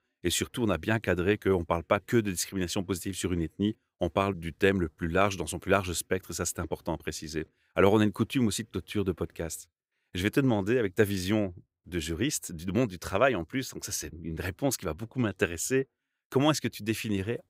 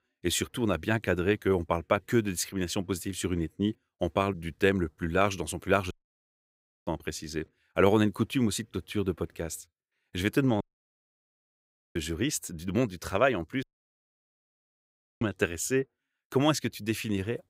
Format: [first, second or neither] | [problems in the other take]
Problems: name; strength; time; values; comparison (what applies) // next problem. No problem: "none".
first | audio cutting out; at 6 s for 1 s, at 11 s for 1.5 s and at 14 s for 1.5 s